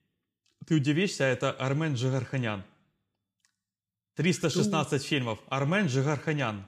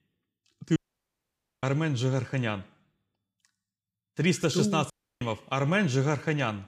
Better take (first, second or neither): first